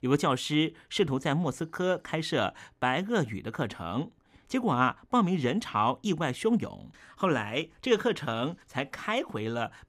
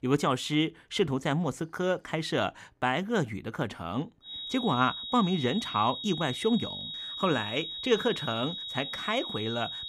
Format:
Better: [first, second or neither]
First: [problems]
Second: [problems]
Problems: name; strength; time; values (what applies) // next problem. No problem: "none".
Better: first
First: none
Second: high-pitched whine; loud; from 4.5 s on; 4 kHz, 6 dB below the speech